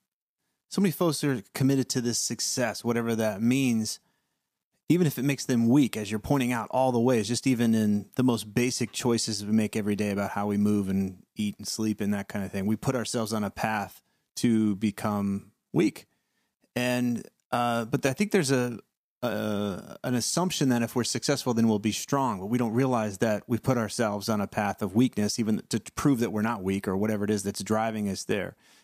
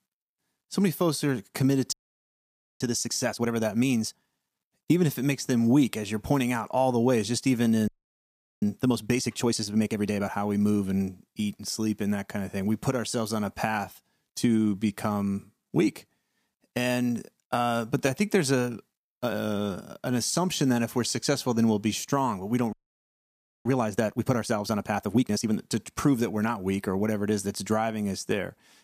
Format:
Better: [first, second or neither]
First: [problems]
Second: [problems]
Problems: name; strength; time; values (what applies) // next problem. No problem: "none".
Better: first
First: none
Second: audio freezing; at 2 s for 1 s, at 8 s for 0.5 s and at 23 s for 1 s